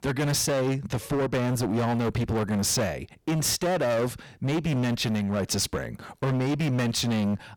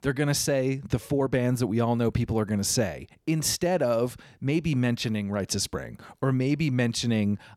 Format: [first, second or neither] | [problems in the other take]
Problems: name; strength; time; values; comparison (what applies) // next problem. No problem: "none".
second | distortion; heavy; 28% of the sound clipped